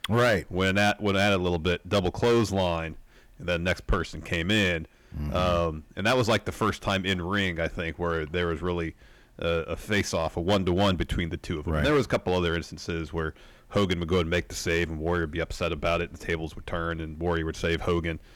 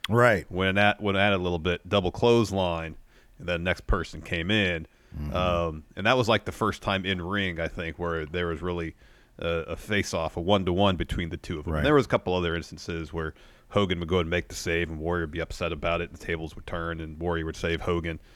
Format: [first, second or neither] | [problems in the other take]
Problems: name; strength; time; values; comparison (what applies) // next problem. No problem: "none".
second | distortion; slight; 4% of the sound clipped